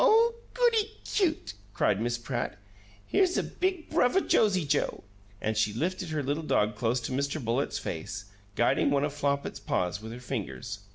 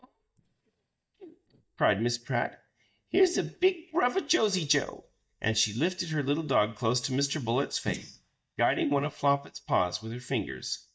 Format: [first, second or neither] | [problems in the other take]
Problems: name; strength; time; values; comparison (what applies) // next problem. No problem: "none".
first | noise reduction (neural mask model DeepFilterNet 3)